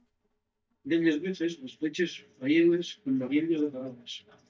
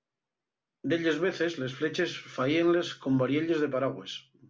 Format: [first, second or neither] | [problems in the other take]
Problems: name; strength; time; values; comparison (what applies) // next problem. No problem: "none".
second | noise reduction (neural mask model DeepFilterNet 3)